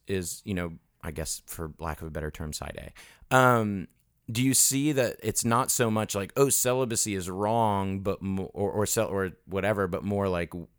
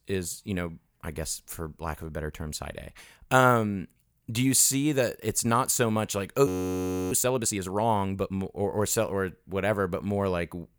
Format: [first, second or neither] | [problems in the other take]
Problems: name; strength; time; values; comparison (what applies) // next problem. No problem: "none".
first | audio freezing; at 6.5 s for 0.5 s